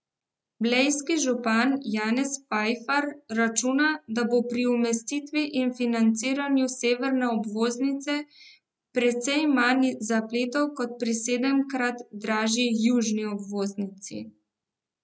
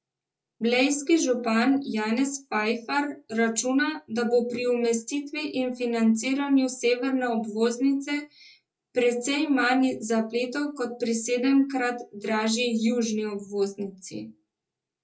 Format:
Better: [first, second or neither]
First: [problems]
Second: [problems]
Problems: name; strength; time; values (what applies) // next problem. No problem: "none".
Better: first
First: none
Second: room echo; dies away in 0.1 s